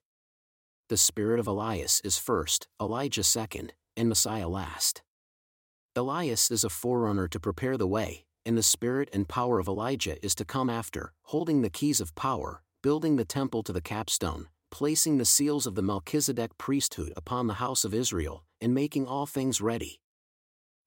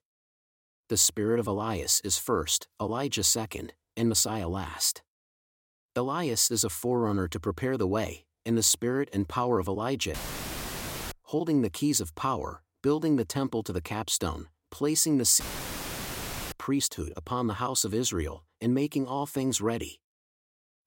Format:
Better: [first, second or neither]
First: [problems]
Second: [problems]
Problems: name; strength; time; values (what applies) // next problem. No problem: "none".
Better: first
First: none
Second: audio cutting out; filled with static; at 10 s for 1 s and at 15 s for 1 s